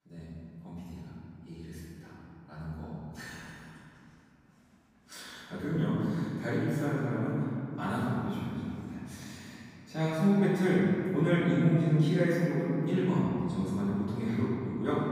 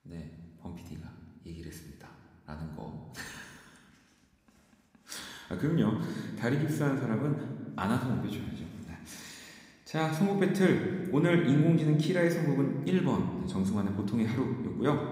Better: second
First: room echo; strong; dies away in 2.9 s // off-mic speech; far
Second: room echo; slight; dies away in 1.3 s

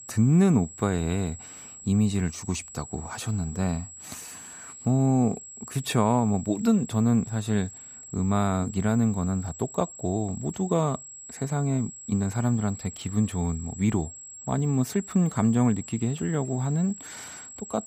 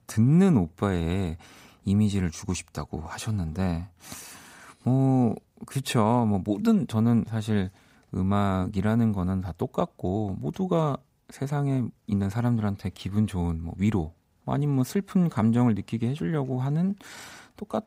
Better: second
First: high-pitched whine; noticeable; throughout; 7.5 kHz, 15 dB below the speech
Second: none

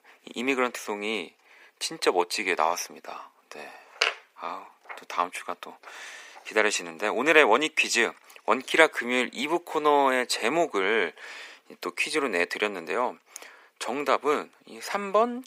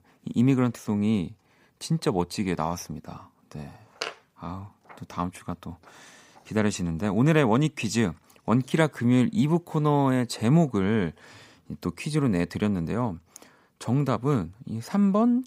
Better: second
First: thin; very; fading below 400 Hz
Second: none

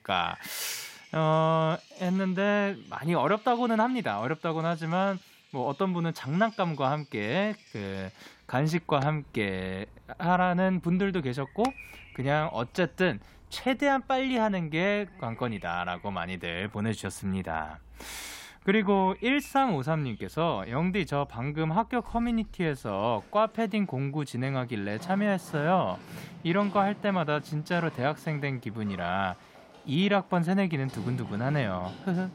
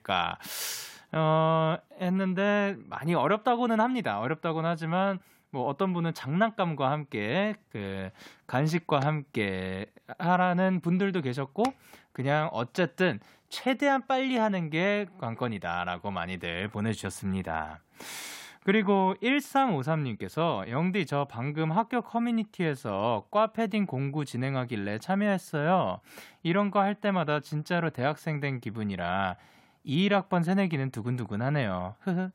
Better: second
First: animal sounds; faint; throughout; 20 dB below the speech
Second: none

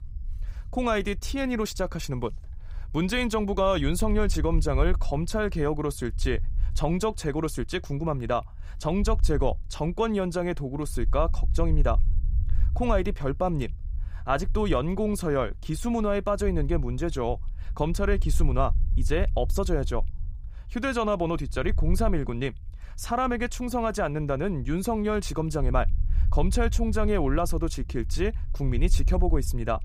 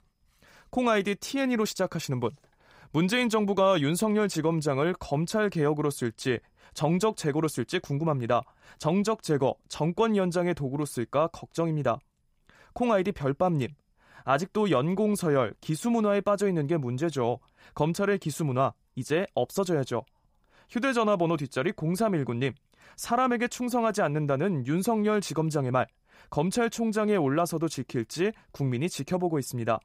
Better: second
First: low rumble; faint; throughout; 25 dB below the speech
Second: none

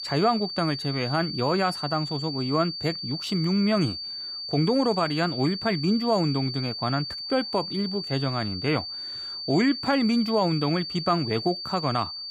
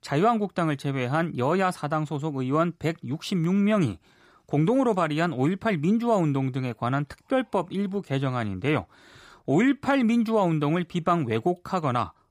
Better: second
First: high-pitched whine; loud; throughout; 4.5 kHz, 6 dB below the speech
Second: none

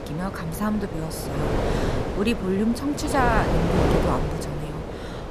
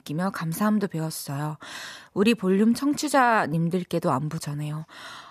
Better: second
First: wind noise on the microphone; heavy; 1 dB below the speech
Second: none

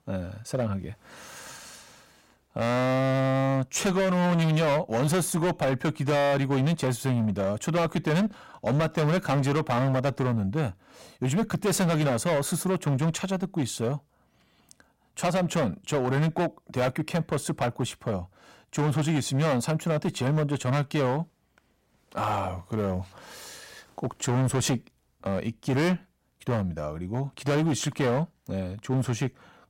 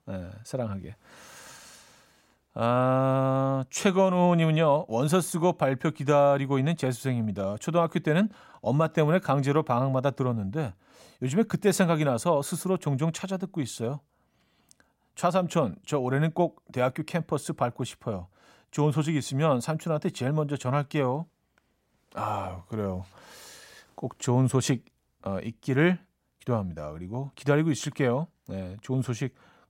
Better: second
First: distortion; heavy; 17% of the sound clipped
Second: none

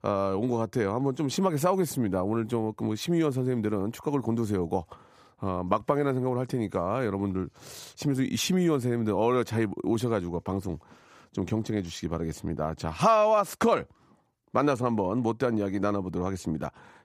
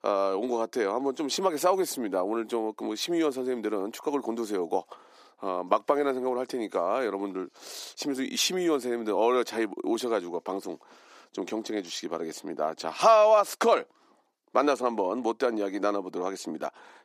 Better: first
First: none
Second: thin; somewhat; fading below 300 Hz

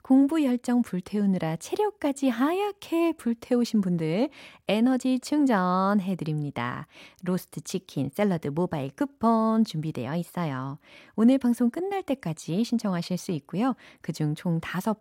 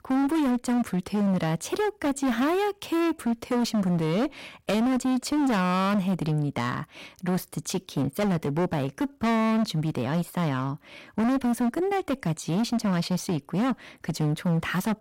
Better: first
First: none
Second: distortion; heavy; 24% of the sound clipped

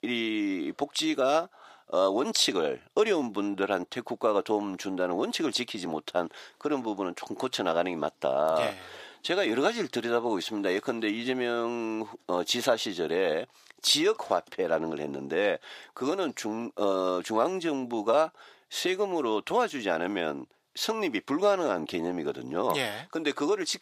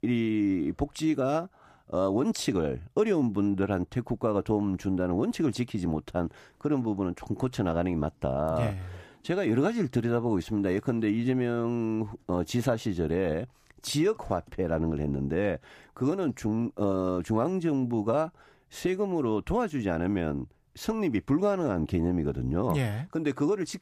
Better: second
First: thin; somewhat; fading below 450 Hz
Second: none

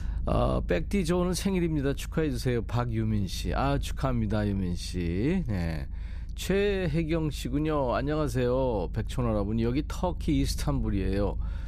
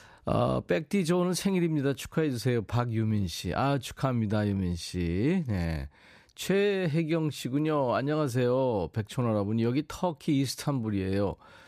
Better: second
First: low rumble; faint; throughout; 25 dB below the speech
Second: none

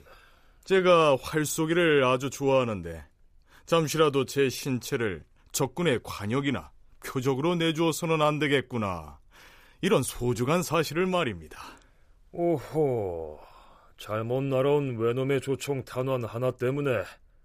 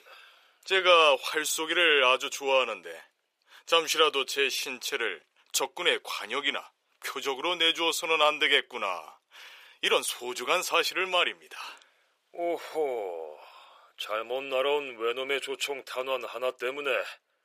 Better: first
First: none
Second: thin; very; fading below 500 Hz

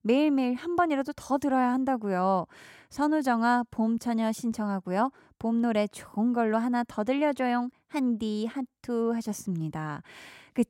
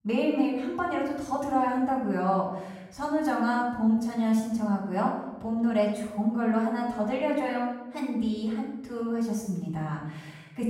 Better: first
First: none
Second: off-mic speech; far // room echo; noticeable; dies away in 0.9 s

